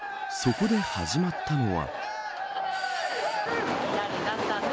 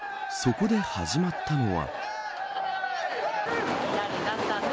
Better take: second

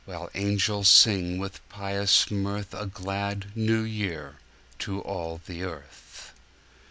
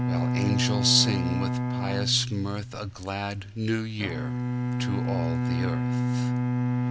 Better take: first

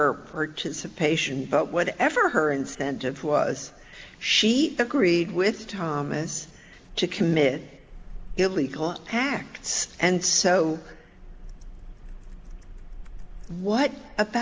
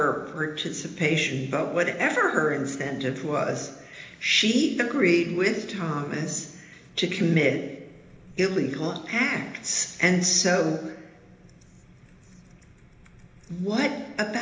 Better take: first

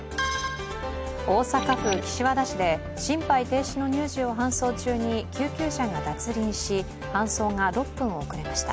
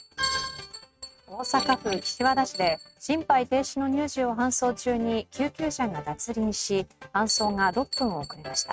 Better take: first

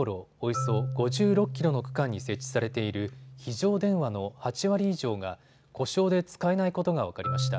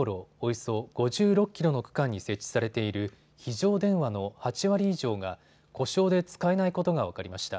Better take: second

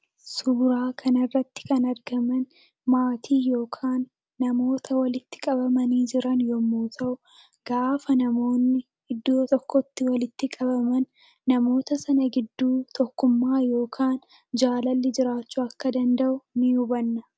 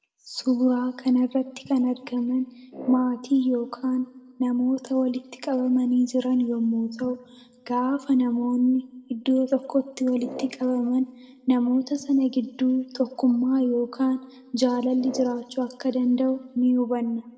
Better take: first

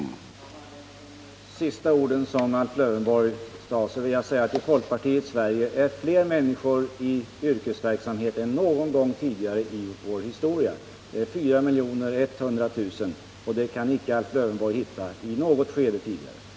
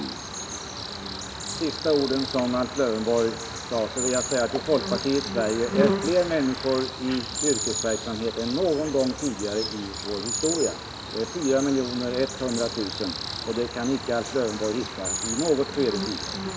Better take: first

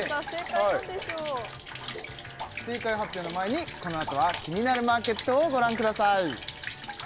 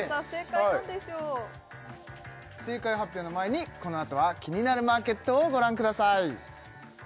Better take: second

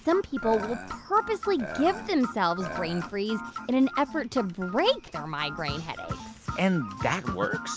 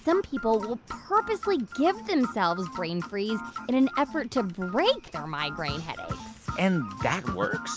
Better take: second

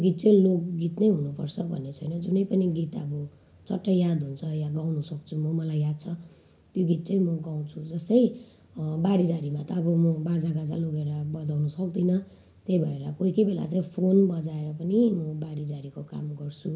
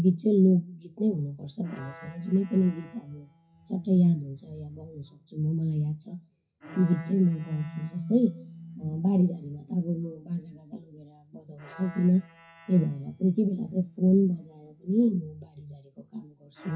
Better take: first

